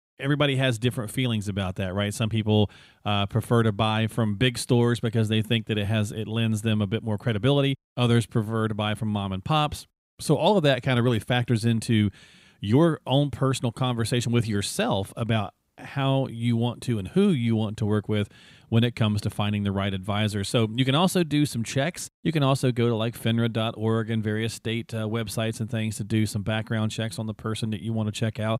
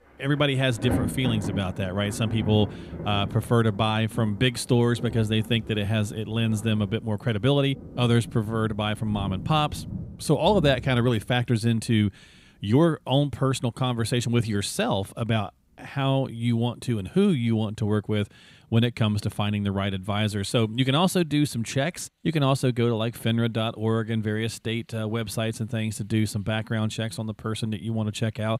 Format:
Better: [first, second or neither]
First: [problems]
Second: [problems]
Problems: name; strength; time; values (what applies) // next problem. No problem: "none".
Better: first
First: none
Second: rain or running water; noticeable; throughout; 10 dB below the speech